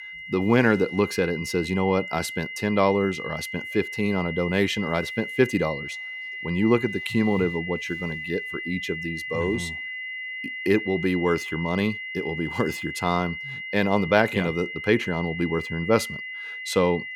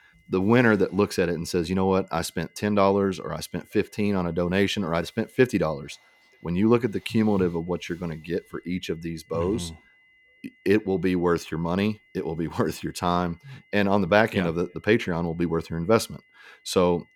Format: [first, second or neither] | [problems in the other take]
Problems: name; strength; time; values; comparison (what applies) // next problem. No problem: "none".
second | high-pitched whine; loud; throughout; 2 kHz, 7 dB below the speech; faint in the second